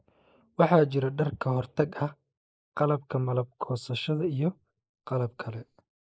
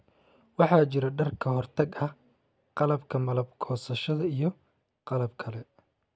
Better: second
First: noise reduction (neural mask model Resemble Enhance denoiser)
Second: none

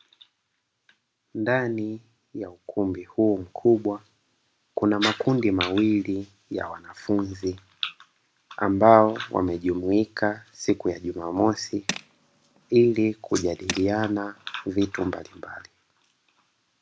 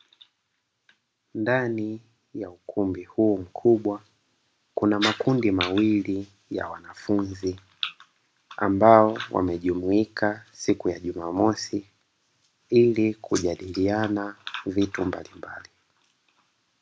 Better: second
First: background sound (Tools); 12 dB below the speech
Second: none

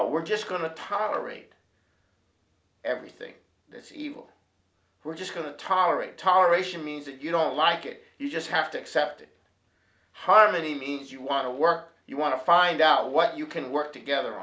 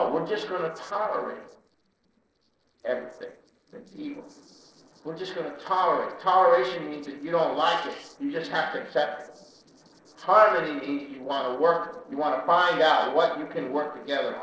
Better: first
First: none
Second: noise reduction (neural separator model SepFormer DNS4)

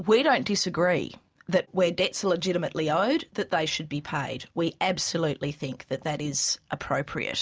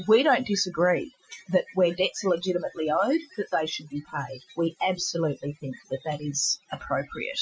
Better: first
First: none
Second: noise reduction (classical method Wiener filter)

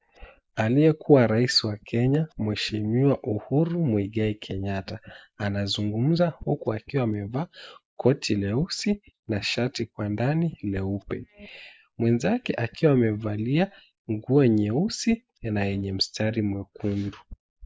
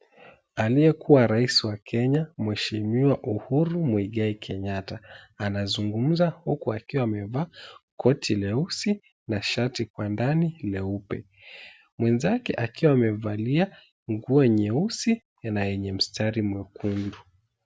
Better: second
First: noise reduction (neural mask model Resemble Enhance denoiser)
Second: none

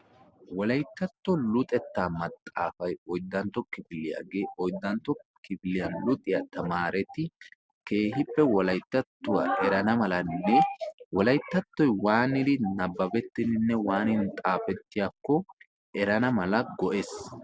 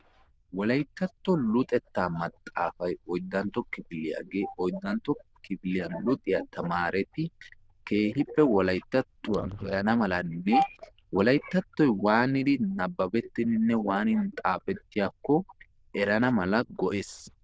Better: first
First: none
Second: noise reduction (neural diffusion model UNIVERSE++)

